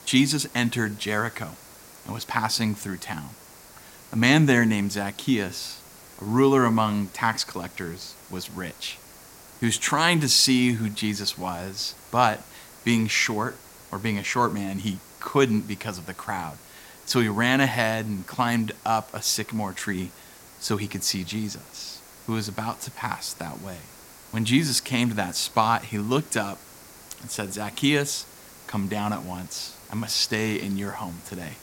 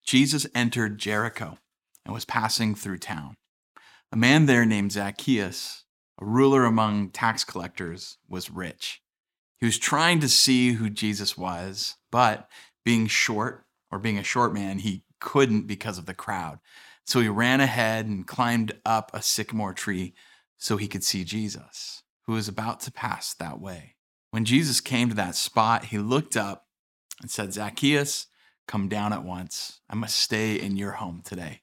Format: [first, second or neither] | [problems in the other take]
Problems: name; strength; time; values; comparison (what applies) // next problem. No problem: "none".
second | hiss; faint; throughout; 20 dB below the speech